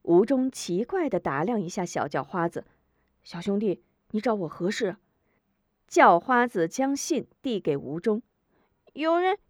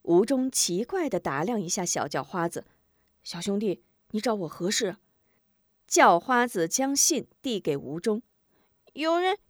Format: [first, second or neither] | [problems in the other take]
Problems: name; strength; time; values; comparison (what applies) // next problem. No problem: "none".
second | muffled; slightly; fading above 3.5 kHz